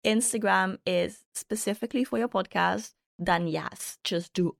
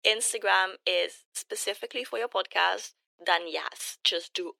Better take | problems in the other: first | thin; very; fading below 400 Hz

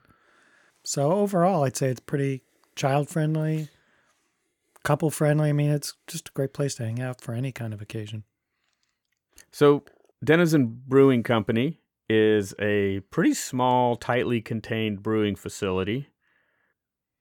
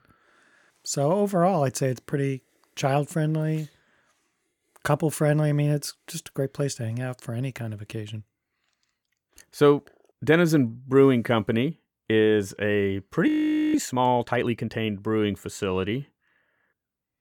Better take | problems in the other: first | audio freezing; at 13 s

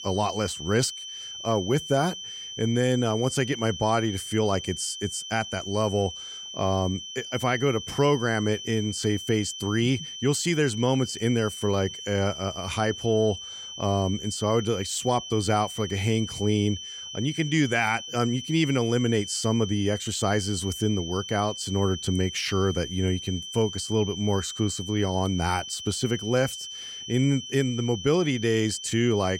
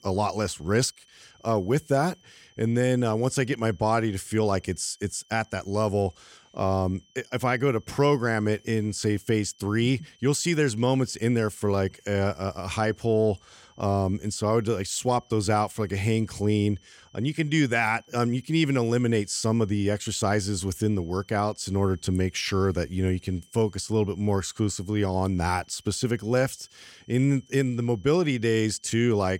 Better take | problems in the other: second | high-pitched whine; loud; throughout; 3 kHz, 9 dB below the speech; faint in the second

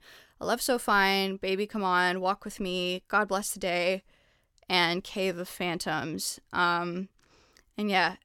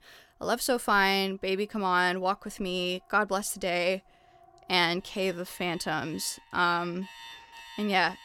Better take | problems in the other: first | alarms or sirens; faint; throughout; 20 dB below the speech

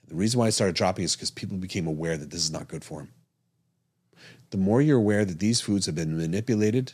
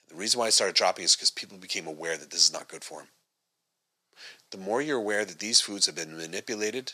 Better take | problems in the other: first | thin; very; fading below 650 Hz

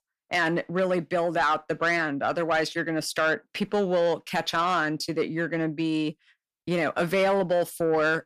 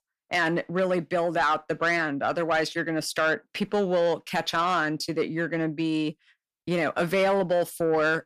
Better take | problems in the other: neither | distortion; slight; 10 dB below the speech; the same in both

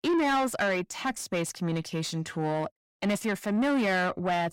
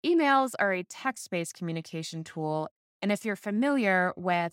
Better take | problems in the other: second | distortion; heavy; 8 dB below the speech

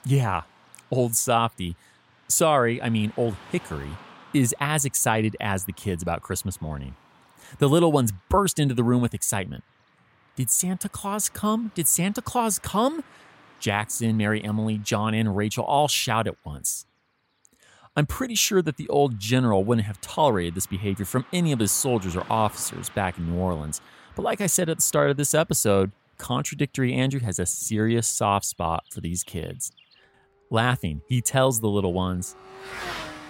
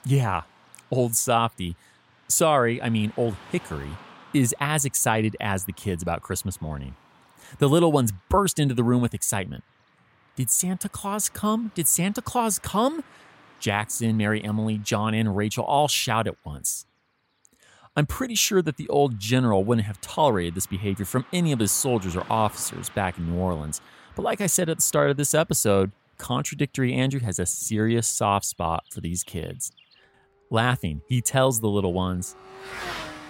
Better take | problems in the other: neither | traffic noise; faint; throughout; 25 dB below the speech; the same in both

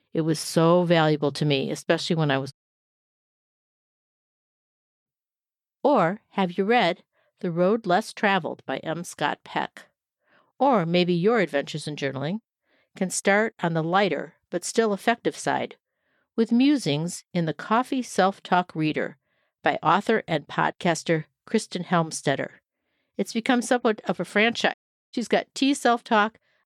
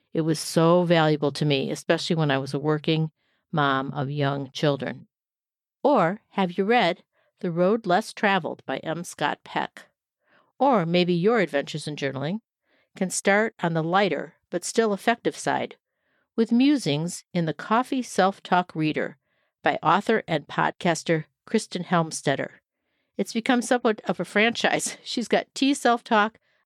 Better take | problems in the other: second | audio cutting out; at 2.5 s for 2.5 s and at 25 s

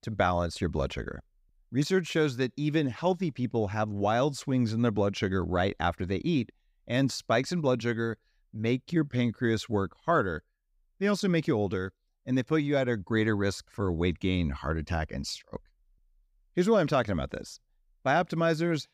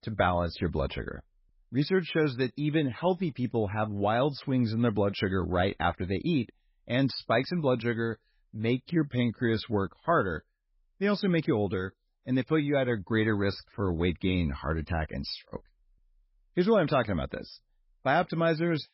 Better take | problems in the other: first | garbled, watery; badly; nothing above 5.5 kHz

